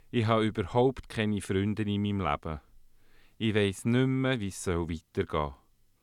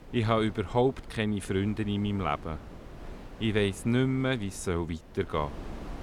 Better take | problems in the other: first | wind noise on the microphone; occasional gusts; 20 dB below the speech

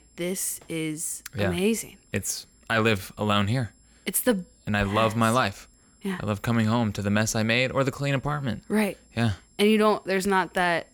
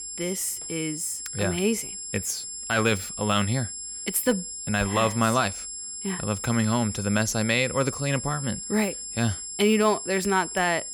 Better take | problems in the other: first | high-pitched whine; loud; throughout; 7.5 kHz, 7 dB below the speech; faint in the first

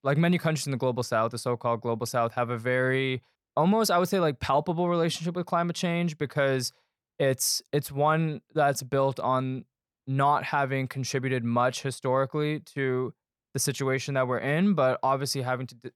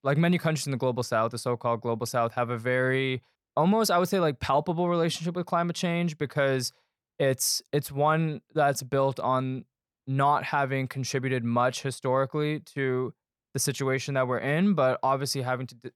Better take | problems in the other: neither | none

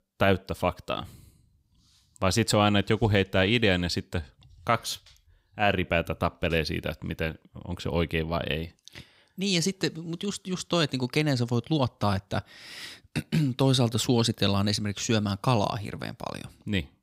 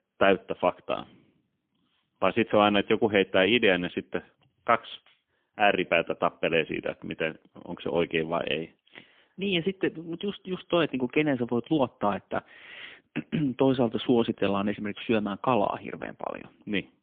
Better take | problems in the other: first | phone-call audio; poor line; nothing above 3.5 kHz

